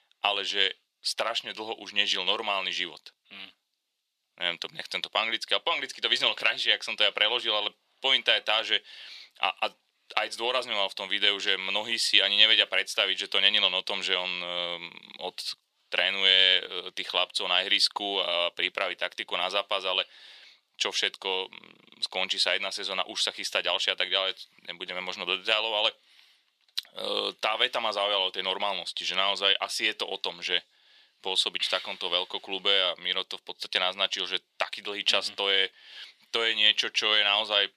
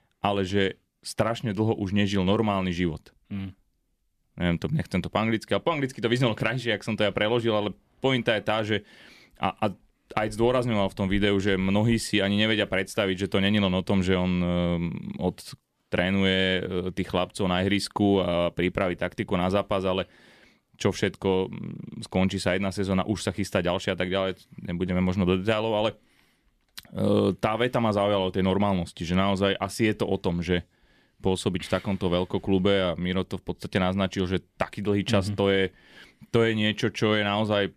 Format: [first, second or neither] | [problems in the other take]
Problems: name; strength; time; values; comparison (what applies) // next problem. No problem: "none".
second | thin; very; fading below 750 Hz